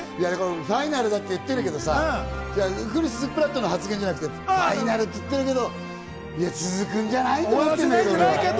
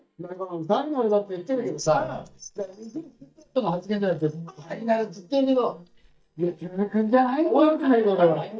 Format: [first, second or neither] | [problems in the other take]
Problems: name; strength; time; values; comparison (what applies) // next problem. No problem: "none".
first | noise reduction (neural mask model DeepFilterNet 3)